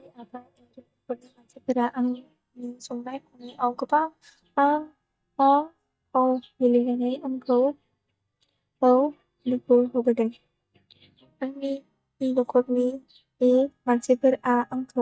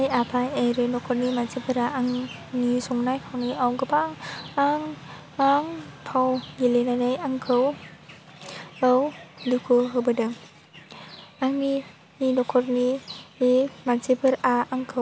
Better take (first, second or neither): second